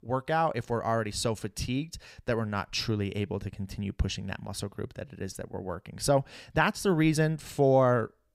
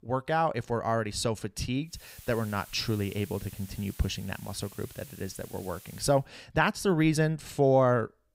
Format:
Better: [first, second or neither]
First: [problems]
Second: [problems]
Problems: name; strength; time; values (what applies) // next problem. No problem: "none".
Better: first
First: none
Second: hiss; noticeable; from 2 to 6 s; 20 dB below the speech